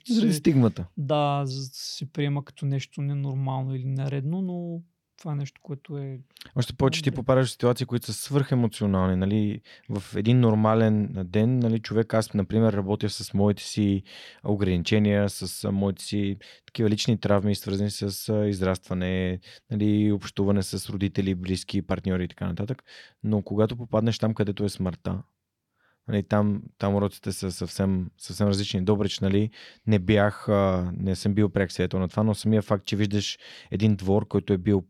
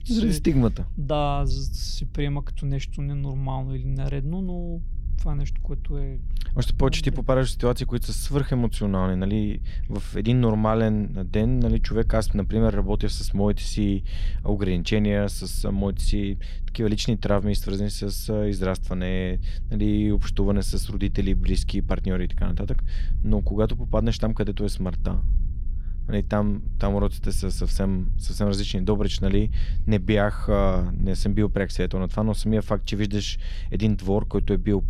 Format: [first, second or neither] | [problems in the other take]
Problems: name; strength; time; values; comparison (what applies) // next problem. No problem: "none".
first | low rumble; faint; throughout; 25 dB below the speech